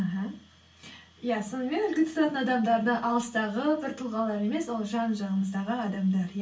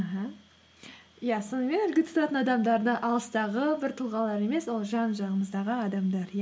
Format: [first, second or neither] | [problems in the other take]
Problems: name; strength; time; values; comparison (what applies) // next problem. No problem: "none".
second | room echo; dies away in 0.2 s